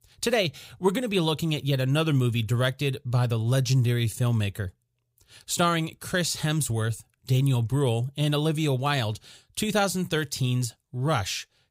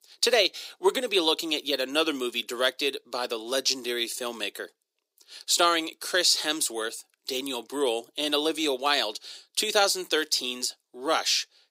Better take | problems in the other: first | thin; very; fading below 300 Hz

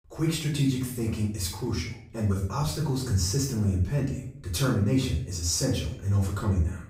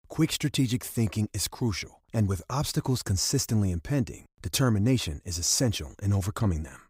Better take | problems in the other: second | off-mic speech; far // room echo; noticeable; dies away in 0.5 s

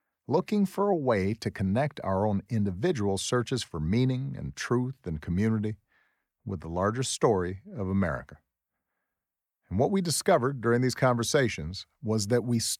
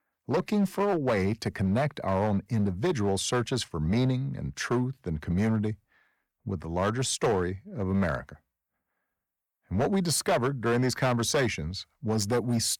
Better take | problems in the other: first | distortion; slight; 8% of the sound clipped

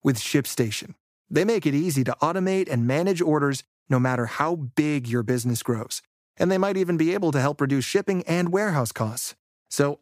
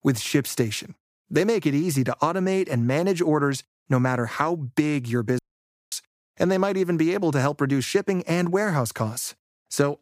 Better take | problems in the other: first | audio cutting out; at 5.5 s for 0.5 s

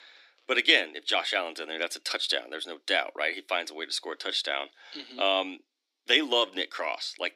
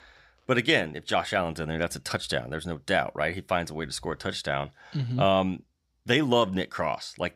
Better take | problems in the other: second | thin; somewhat; fading below 300 Hz

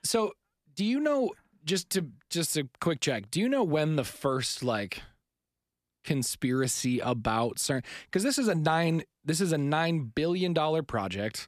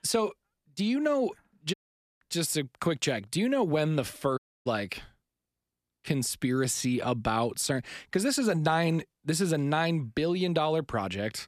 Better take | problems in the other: first | audio cutting out; at 1.5 s and at 4.5 s

